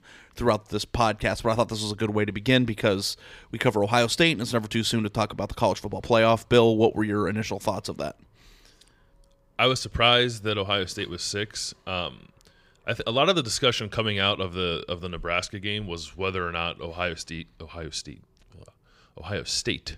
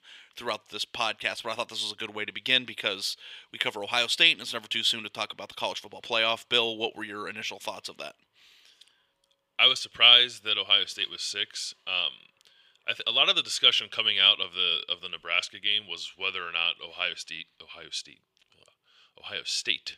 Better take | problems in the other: first | thin; somewhat; fading below 1 kHz

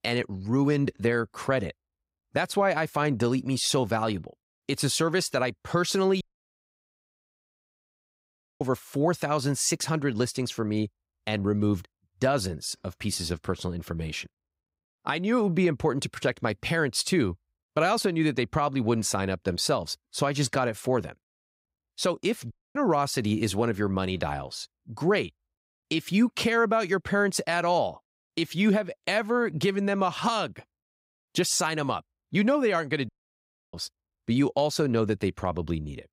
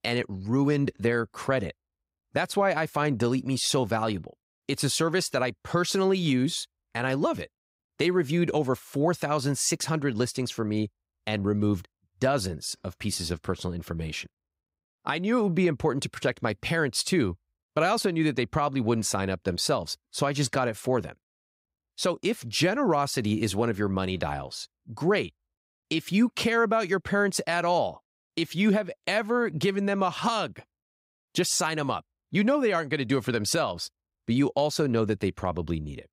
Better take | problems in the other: second | audio cutting out; at 6 s for 2.5 s, at 23 s and at 33 s for 0.5 s

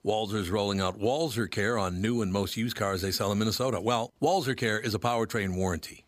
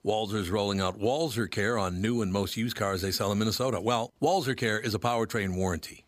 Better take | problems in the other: neither | none

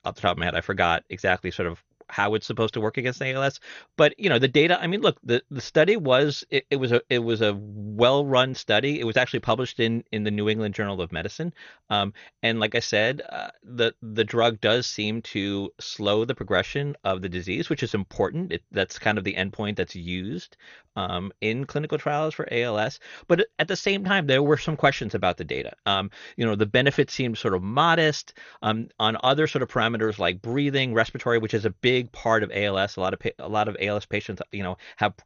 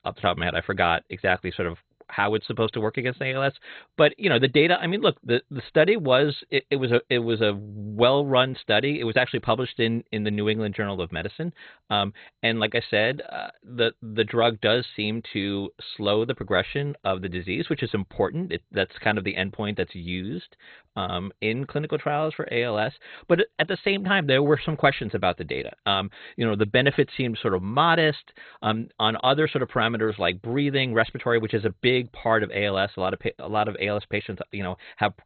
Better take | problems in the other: first | garbled, watery; badly; nothing above 4 kHz; slightly in the first

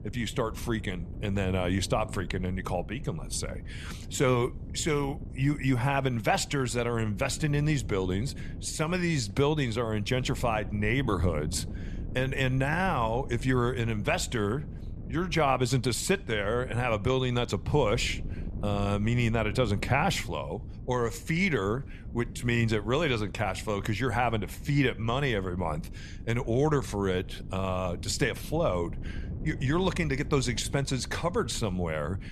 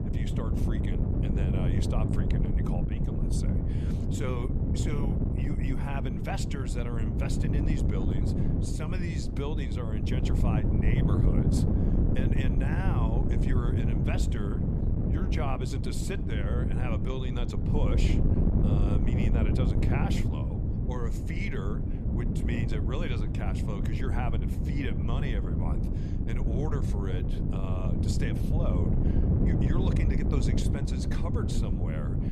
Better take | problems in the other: first | wind noise on the microphone; heavy; 1 dB above the speech; occasional gusts in the first

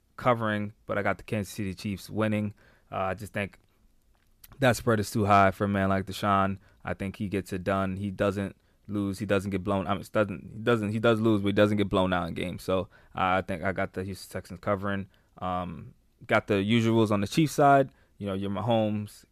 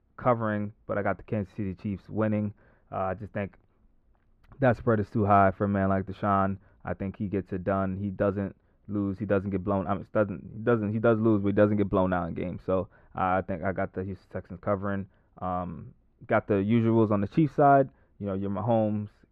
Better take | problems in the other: first | muffled; very; fading above 4 kHz

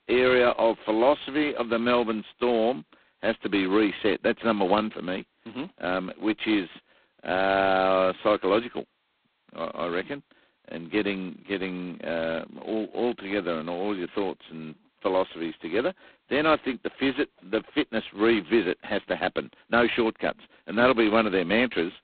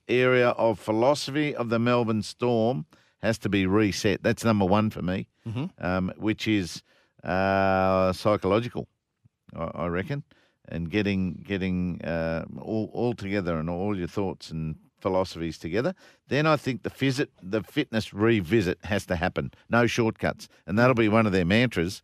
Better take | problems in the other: second | phone-call audio; poor line; nothing above 4 kHz

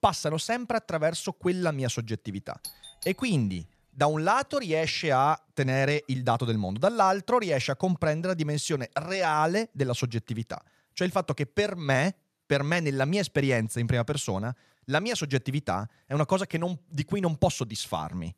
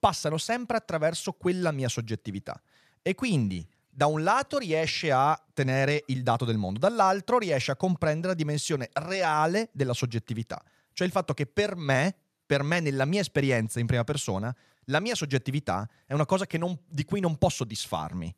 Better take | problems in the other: second | doorbell; faint; at 2.5 s; peak 15 dB below the speech

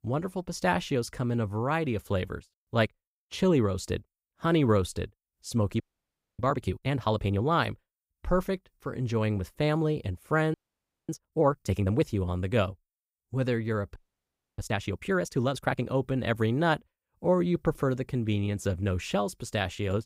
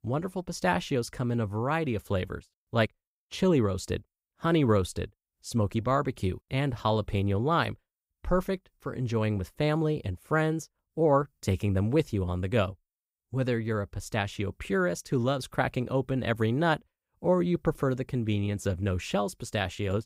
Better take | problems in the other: second | audio freezing; at 6 s for 0.5 s, at 11 s for 0.5 s and at 14 s for 0.5 s

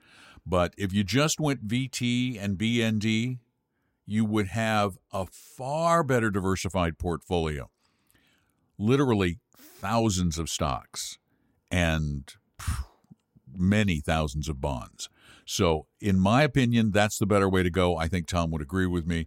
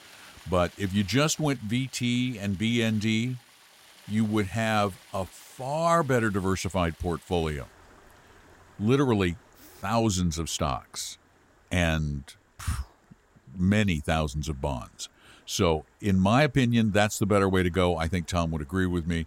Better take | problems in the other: first | rain or running water; faint; throughout; 25 dB below the speech

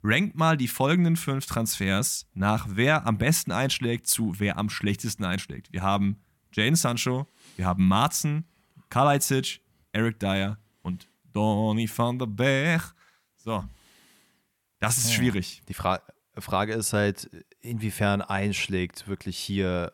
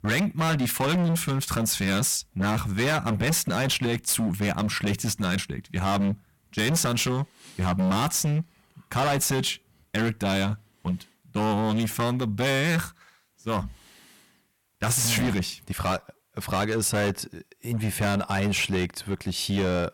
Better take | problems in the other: first | distortion; heavy; 19% of the sound clipped

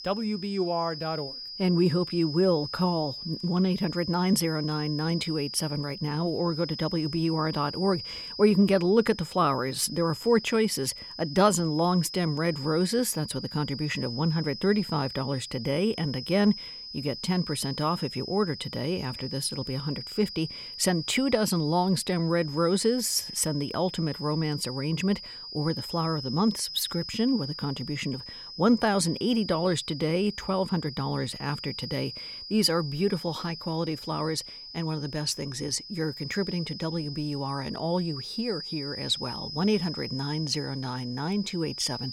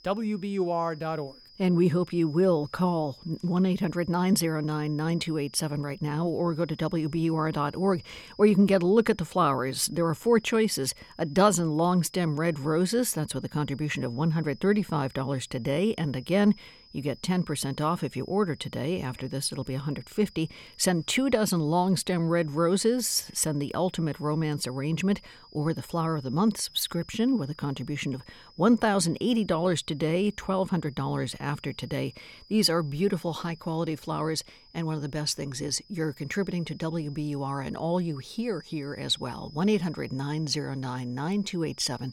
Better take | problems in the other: second | high-pitched whine; loud; throughout; 5 kHz, 9 dB below the speech; faint in the second

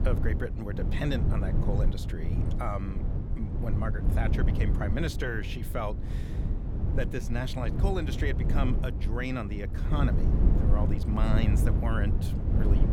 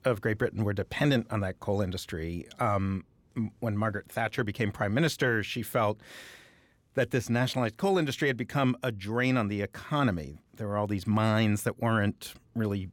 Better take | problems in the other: second | low rumble; loud; throughout; 5 dB below the speech

